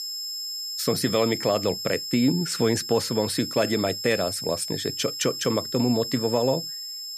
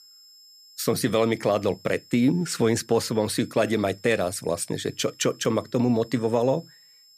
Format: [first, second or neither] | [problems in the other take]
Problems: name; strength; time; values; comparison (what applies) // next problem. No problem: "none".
second | high-pitched whine; loud; throughout; 5 kHz, 5 dB below the speech; faint in the second